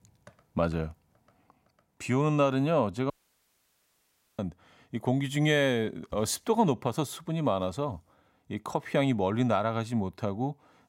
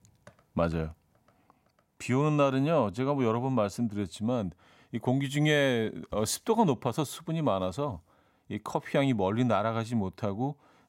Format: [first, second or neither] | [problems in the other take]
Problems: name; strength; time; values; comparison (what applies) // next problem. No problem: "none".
second | audio cutting out; at 3 s for 1.5 s